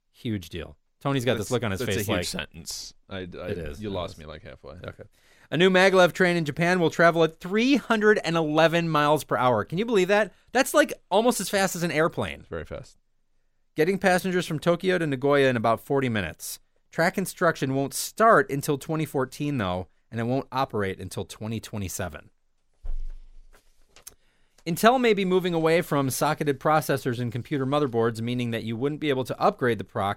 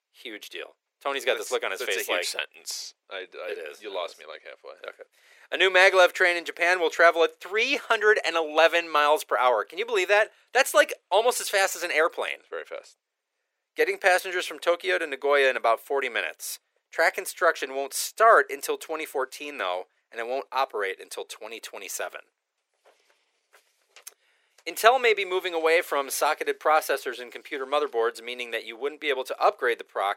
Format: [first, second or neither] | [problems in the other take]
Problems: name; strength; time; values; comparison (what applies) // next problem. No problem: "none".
first | thin; very; fading below 400 Hz